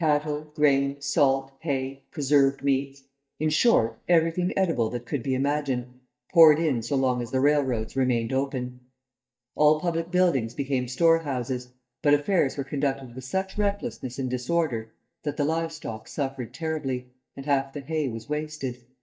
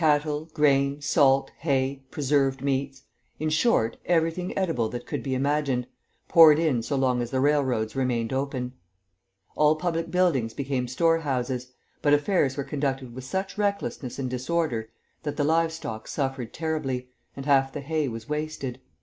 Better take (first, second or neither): second